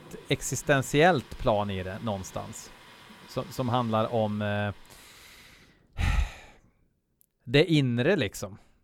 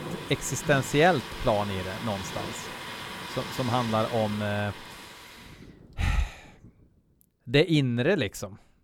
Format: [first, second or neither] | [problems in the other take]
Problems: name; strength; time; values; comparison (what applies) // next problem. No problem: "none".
first | rain or running water; loud; throughout; 10 dB below the speech; faint in the first